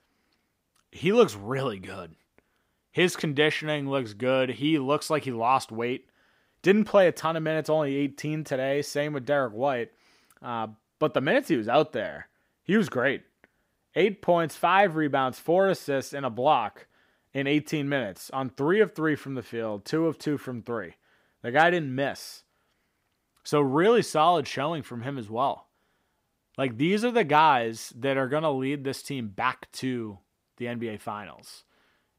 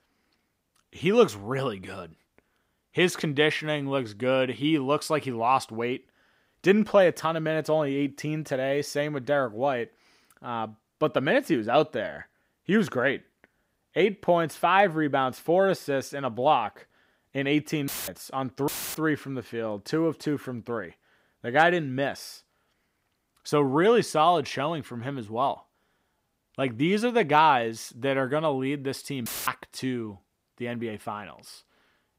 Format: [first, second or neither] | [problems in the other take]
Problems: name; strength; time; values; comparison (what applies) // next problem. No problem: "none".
first | audio cutting out; filled with static; at 18 s, at 19 s and at 29 s